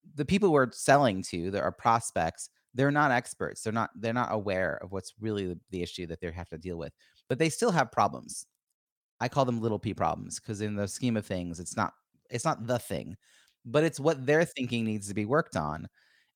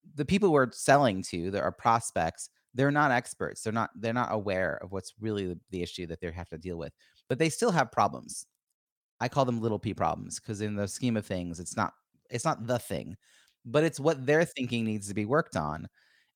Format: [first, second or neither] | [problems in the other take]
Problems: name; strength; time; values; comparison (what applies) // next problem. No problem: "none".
neither | none